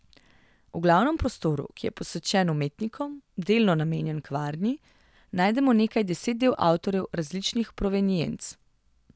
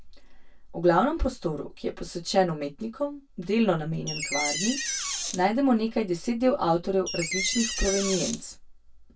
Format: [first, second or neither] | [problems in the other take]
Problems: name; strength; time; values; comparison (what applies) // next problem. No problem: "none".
first | background sound (Door); 4 dB below the speech // room echo; dies away in 0.1 s